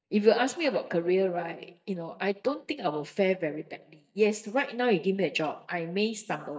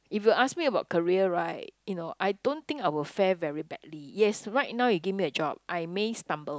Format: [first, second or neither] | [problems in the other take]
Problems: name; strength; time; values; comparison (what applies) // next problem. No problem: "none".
second | noise reduction (neural mask model DeepFilterNet 3)